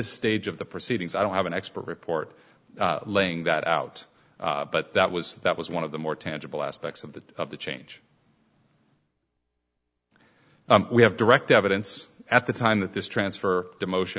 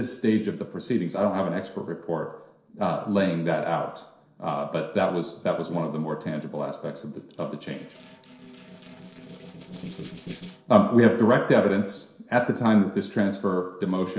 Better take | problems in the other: first | noise reduction (neural separator model SepFormer DNS4)

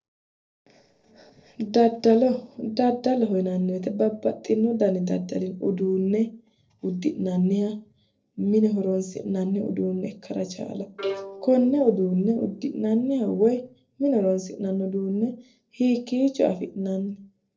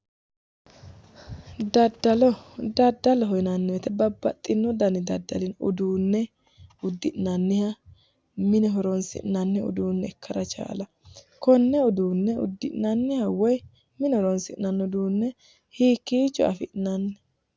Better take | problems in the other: second | noise reduction (neural separator model SepFormer DNS4)

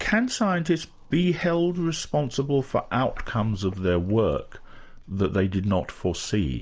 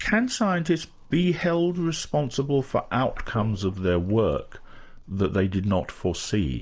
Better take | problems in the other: first | noise reduction (neural mask model Resemble Enhance denoiser)

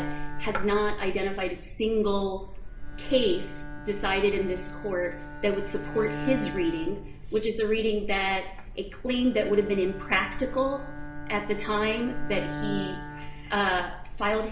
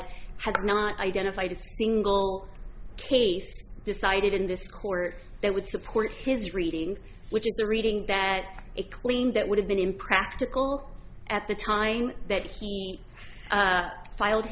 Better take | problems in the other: second | background sound (Bowed string instrument); 13 dB below the speech // room echo; dies away in 0.5 s

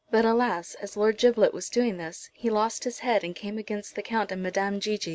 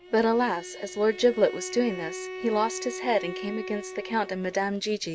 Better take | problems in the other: first | background sound (Bowed string instrument); 12 dB below the speech

